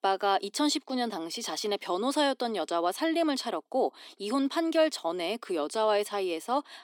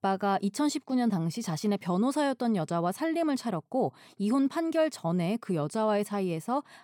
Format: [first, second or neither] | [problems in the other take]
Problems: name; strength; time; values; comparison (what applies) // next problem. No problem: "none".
second | thin; very slightly; fading below 300 Hz